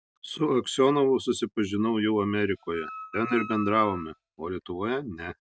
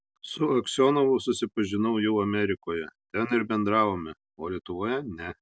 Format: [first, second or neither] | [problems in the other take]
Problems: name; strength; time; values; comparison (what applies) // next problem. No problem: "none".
second | noise reduction (neural mask model RNNoise)